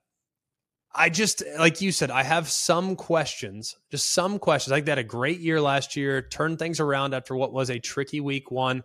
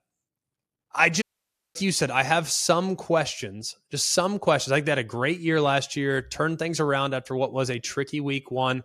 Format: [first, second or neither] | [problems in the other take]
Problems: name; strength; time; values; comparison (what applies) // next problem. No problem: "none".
first | audio cutting out; at 1 s for 0.5 s